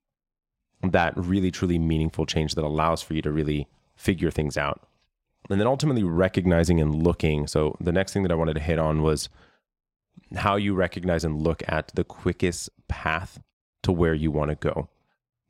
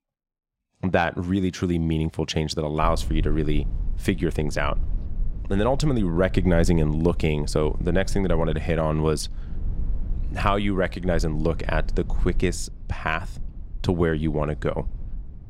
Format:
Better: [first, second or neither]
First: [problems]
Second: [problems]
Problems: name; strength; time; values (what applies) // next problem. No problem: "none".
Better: first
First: none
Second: low rumble; faint; from 3 s on; 25 dB below the speech